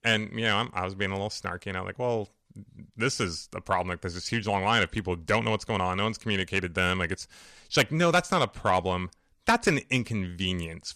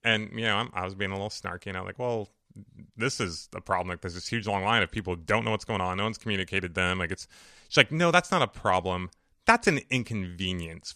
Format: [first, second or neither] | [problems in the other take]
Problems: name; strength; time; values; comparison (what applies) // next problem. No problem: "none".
second | distortion; slight; 10 dB below the speech